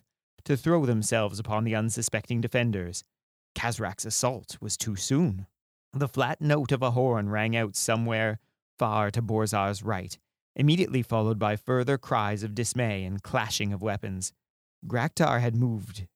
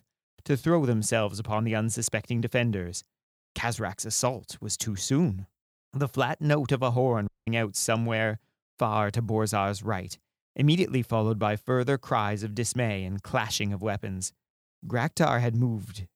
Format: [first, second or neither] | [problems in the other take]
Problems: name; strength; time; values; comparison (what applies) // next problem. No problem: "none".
first | audio cutting out; at 7.5 s